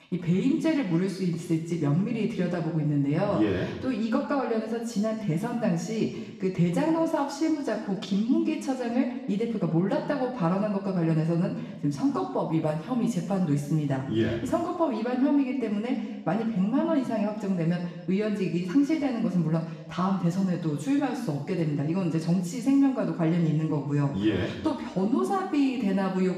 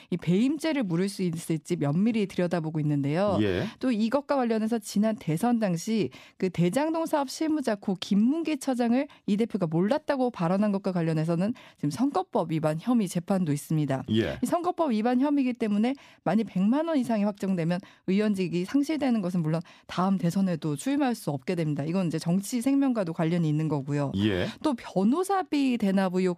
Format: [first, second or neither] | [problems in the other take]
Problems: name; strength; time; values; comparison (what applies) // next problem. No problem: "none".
second | room echo; noticeable; dies away in 1 s // off-mic speech; far